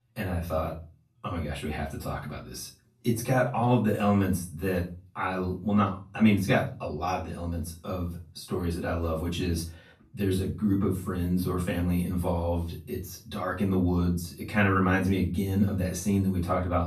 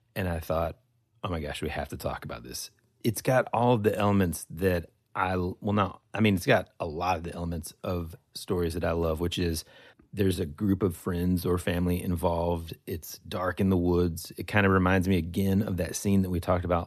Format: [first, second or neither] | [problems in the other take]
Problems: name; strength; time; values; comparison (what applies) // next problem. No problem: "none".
second | off-mic speech; far // room echo; slight; dies away in 0.3 s